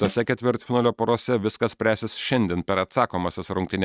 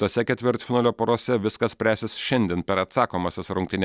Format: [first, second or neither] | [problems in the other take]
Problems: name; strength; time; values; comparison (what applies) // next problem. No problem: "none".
second | noise reduction (neural mask model RNNoise)